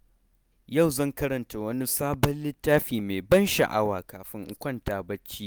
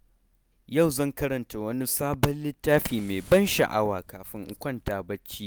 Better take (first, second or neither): first